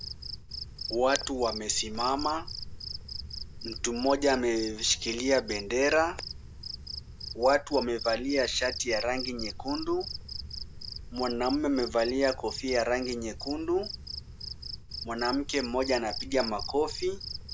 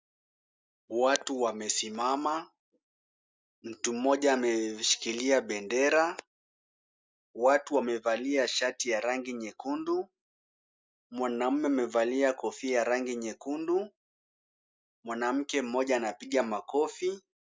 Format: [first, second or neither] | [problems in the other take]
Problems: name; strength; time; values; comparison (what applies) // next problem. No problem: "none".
second | background sound (Cricket); 9 dB below the speech